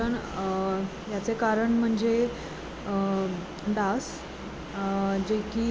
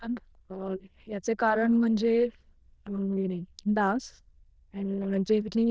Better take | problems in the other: first | noise reduction (neural diffusion model UNIVERSE++)

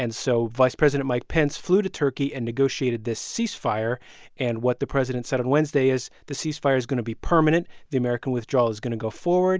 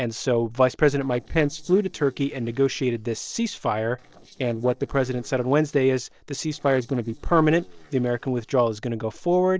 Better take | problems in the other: first | noise reduction (neural separator model SepFormer DNS4)

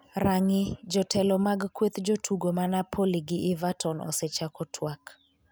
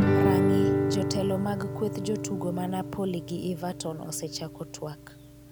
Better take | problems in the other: first | background sound (Guitar); 3 dB above the speech

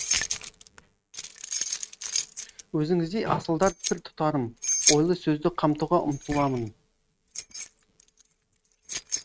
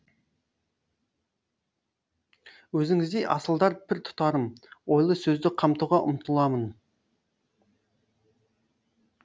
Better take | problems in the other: second | noise reduction (neural mask model RNNoise)

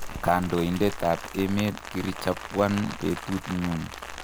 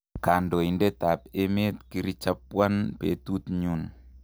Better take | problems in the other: second | background sound (Rain); 10 dB below the speech

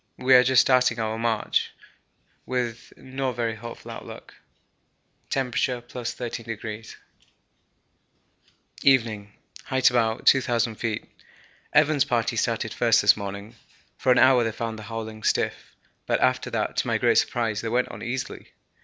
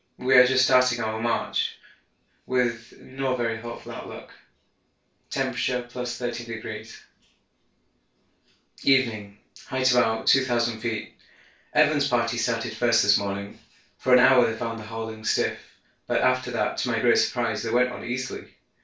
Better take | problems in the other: first | room echo; dies away in 0.2 s

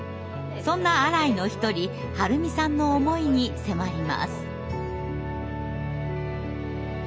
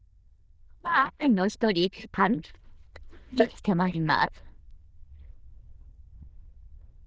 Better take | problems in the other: first | noise reduction (neural diffusion model UNIVERSE++)

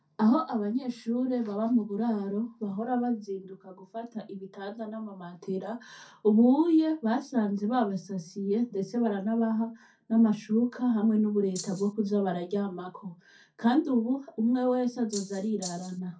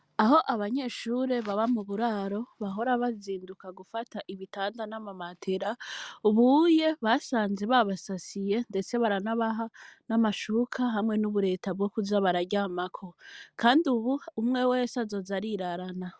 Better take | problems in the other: second | background sound (Rattle (instrument)); 13 dB below the speech // room echo; dies away in 0.3 s

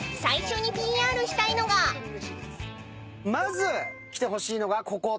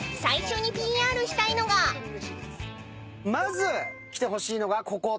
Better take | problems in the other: second | background sound (Telephone); 15 dB below the speech

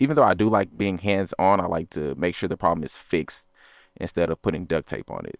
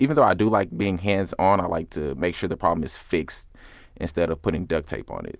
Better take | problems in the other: second | noise reduction (neural separator model SepFormer WHAM!)

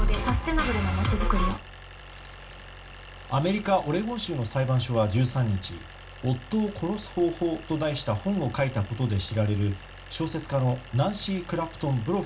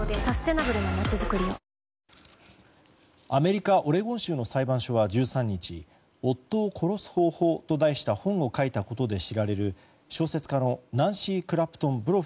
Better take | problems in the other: second | background sound (Idling); 17 dB below the speech // room echo; dies away in 0.2 s

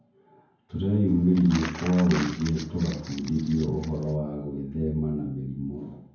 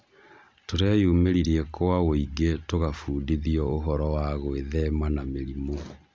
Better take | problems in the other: second | background sound (Crumpling, crinkling); 14 dB below the speech // room echo; dies away in 0.9 s

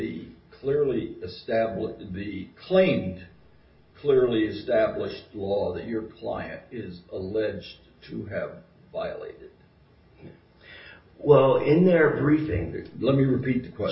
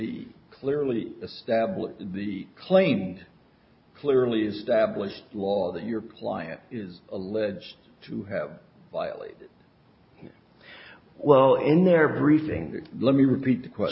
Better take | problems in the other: second | room echo; dies away in 0.2 s

